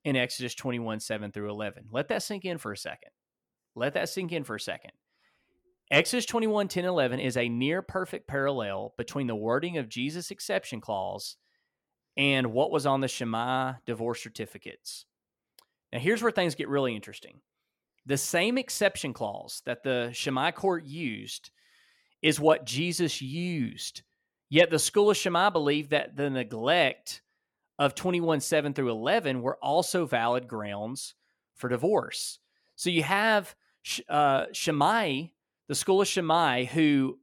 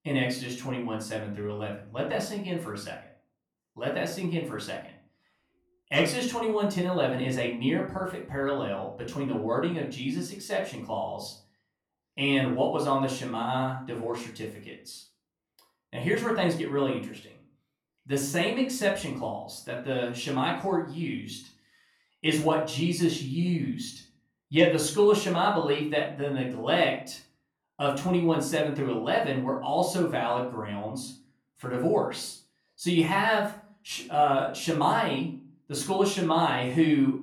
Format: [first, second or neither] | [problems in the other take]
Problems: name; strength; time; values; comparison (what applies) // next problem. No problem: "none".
first | off-mic speech; far // room echo; slight; dies away in 0.4 s